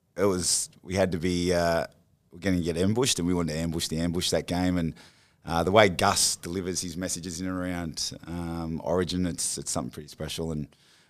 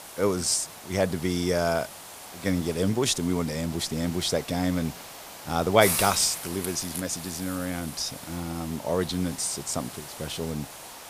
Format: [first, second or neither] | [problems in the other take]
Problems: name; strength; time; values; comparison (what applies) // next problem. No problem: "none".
first | hiss; loud; throughout; 9 dB below the speech